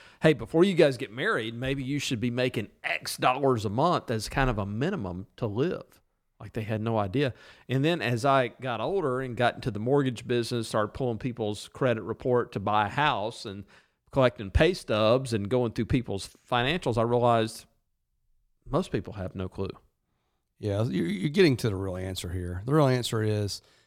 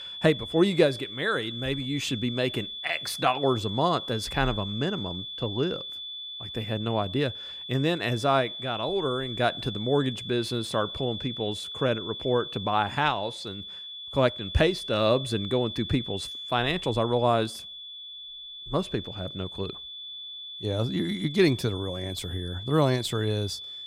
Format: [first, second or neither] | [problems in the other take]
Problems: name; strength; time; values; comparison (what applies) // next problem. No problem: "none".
first | high-pitched whine; loud; throughout; 3.5 kHz, 8 dB below the speech